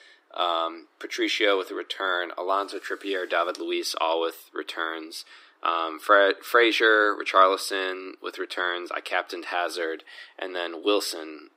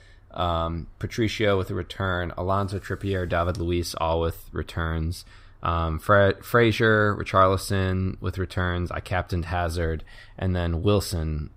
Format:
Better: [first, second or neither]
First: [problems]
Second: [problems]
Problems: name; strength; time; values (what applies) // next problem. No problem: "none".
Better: second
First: thin; very; fading below 300 Hz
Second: none